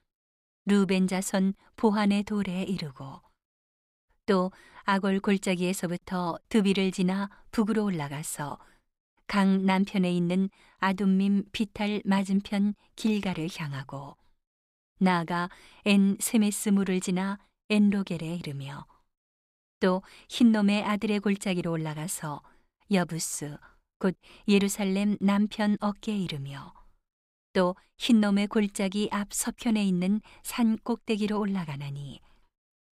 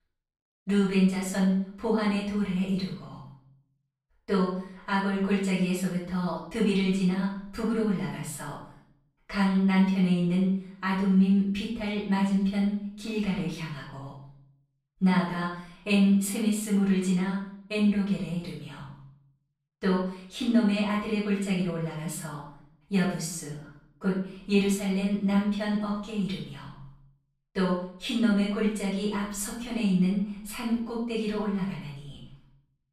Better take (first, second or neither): first